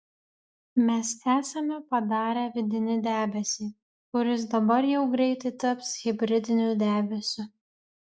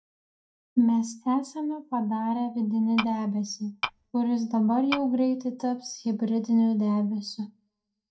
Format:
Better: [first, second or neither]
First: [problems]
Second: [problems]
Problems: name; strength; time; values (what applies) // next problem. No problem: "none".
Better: first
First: none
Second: background sound (Tap / Glass); 6 dB below the speech // room echo; dies away in 0.2 s